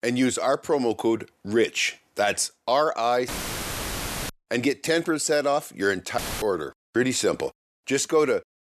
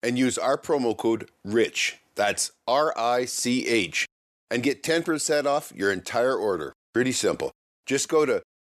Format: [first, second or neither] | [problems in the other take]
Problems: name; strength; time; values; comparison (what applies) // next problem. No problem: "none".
second | audio cutting out; filled with static; at 3.5 s for 1 s and at 6 s